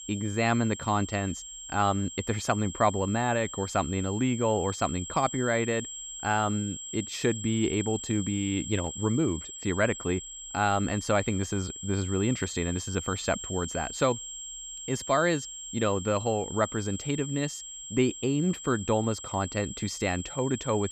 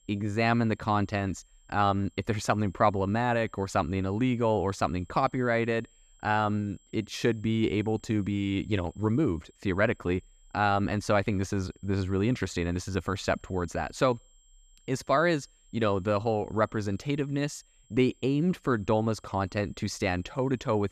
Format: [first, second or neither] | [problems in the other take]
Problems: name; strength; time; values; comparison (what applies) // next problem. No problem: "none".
second | high-pitched whine; loud; throughout; 7.5 kHz, 9 dB below the speech; faint in the second